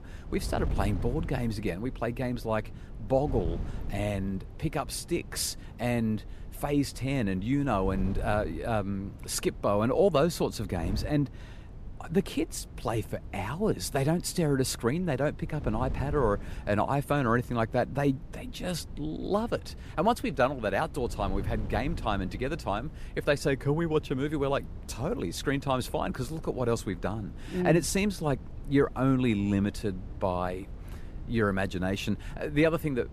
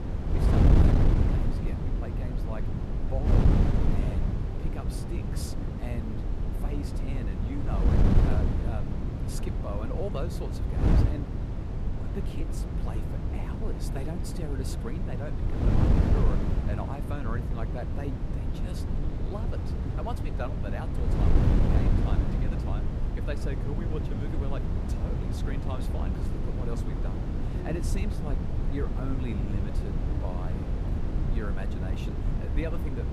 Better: first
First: wind noise on the microphone; occasional gusts; 20 dB below the speech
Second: wind noise on the microphone; heavy; 3 dB above the speech

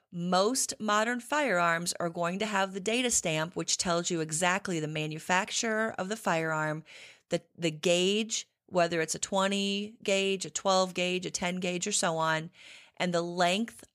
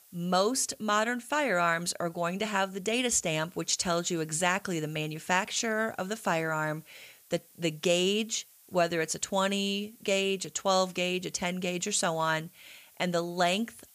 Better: first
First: none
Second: hiss; faint; throughout; 25 dB below the speech

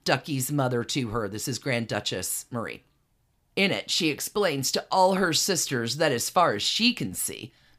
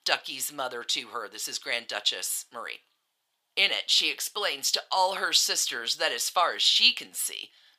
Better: first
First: none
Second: thin; very; fading below 750 Hz

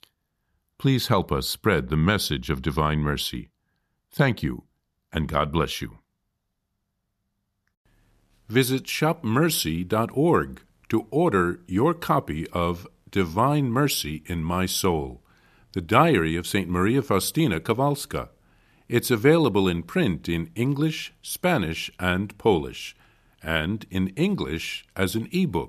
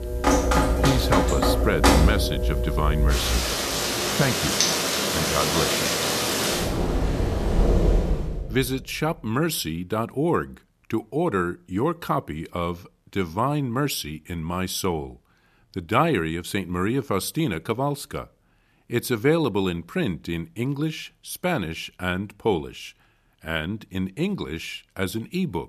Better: first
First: none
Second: rain or running water; very loud; until 8 s; 4 dB above the speech

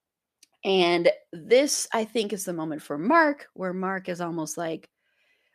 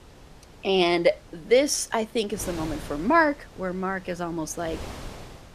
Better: first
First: none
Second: wind noise on the microphone; occasional gusts; 20 dB below the speech

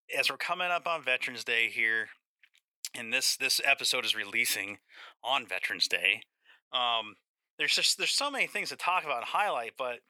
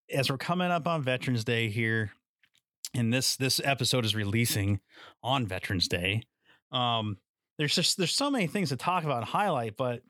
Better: second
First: thin; very; fading below 650 Hz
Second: none

